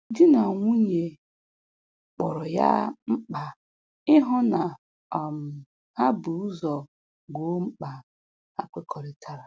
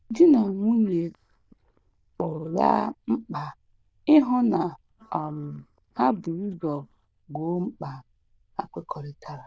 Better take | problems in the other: first | noise reduction (neural diffusion model UNIVERSE++)

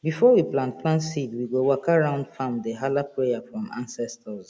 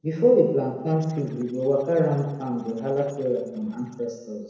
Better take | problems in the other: first | noise reduction (neural separator model SepFormer DNS4)

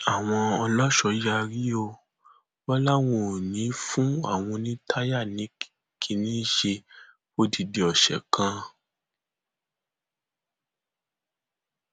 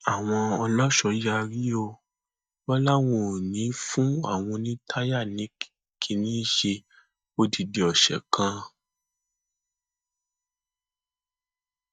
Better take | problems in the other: first | noise reduction (neural mask model DeepFilterNet 3)

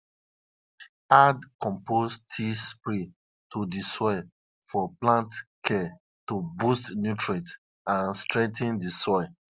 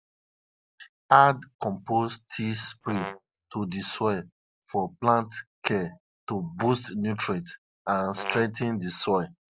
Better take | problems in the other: first | background sound (Brass instrument); 11 dB below the speech

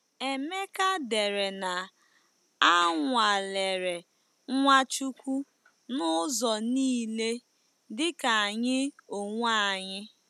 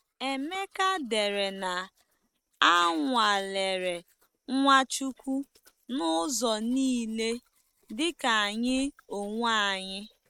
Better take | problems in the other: first | noise reduction (neural mask model RNNoise)

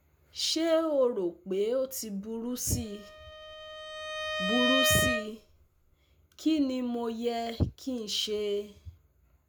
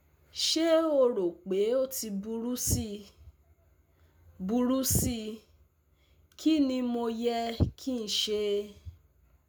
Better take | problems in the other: second | background sound (Bowed string instrument); 1 dB below the speech

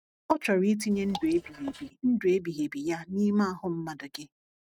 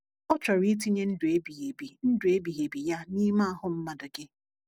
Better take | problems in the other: second | noise reduction (neural mask model RNNoise)

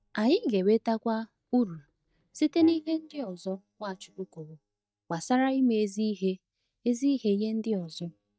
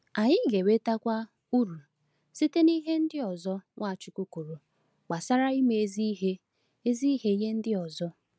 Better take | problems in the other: second | noise reduction (neural mask model DeepFilterNet 3)

